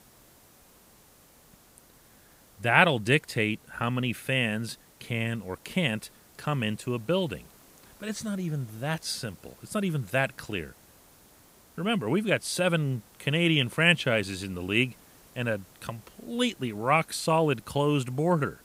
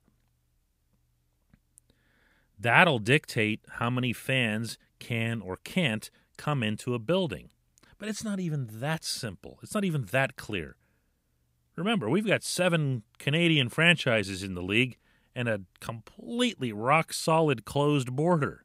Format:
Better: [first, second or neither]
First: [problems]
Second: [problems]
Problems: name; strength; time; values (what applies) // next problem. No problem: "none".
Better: second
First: hiss; faint; throughout; 25 dB below the speech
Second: none